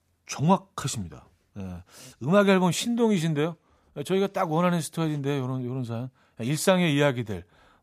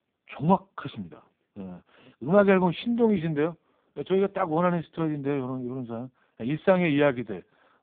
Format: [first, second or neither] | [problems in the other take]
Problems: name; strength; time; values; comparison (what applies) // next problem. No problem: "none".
first | phone-call audio; poor line